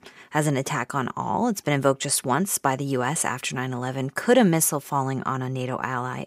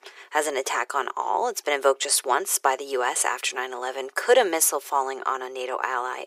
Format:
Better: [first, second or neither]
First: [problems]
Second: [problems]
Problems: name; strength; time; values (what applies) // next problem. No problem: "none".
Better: first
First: none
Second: thin; very; fading below 400 Hz